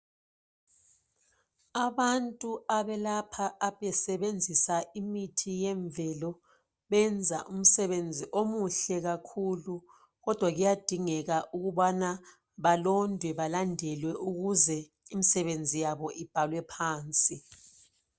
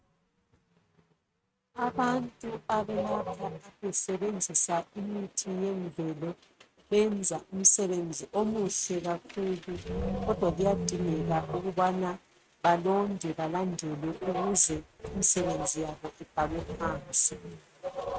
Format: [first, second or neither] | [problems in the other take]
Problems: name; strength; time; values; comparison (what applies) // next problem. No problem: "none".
first | noise reduction (neural mask model RNNoise)